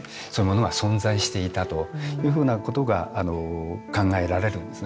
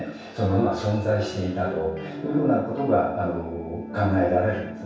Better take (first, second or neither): first